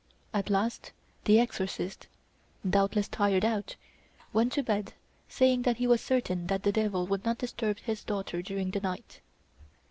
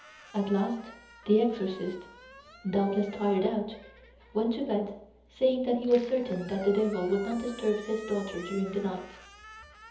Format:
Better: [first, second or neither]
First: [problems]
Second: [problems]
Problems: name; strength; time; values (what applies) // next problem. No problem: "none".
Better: first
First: none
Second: background sound (Squeak); 20 dB below the speech // room echo; dies away in 0.7 s